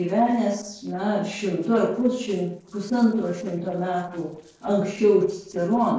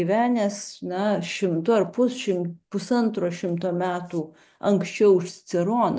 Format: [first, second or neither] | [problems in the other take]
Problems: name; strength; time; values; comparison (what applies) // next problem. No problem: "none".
second | noise reduction (neural separator model SepFormer DNS4)